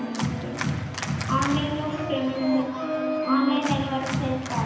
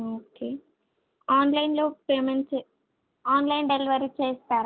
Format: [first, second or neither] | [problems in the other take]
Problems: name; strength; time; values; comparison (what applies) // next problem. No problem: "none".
second | background sound (Organ); 2 dB above the speech // room echo; dies away in 0.9 s